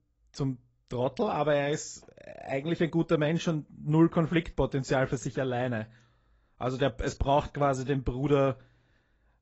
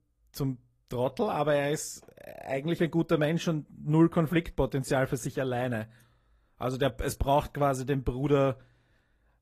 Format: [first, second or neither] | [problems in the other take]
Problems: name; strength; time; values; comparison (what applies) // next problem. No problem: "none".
second | garbled, watery; badly; nothing above 7.5 kHz; slightly in the second